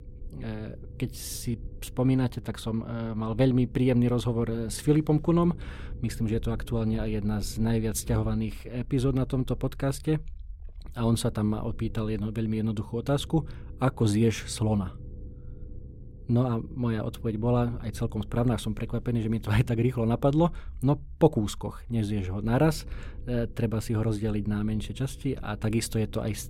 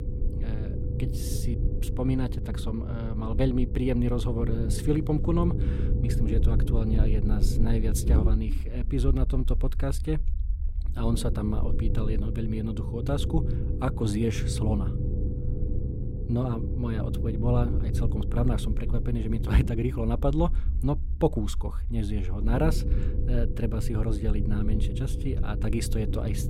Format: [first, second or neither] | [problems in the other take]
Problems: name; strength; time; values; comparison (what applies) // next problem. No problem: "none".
first | low rumble; loud; throughout; 7 dB below the speech; faint in the first